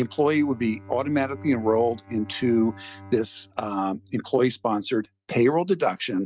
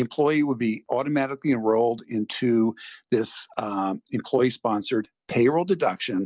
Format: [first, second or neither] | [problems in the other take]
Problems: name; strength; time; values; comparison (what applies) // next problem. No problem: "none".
second | noise reduction (neural mask model RNNoise)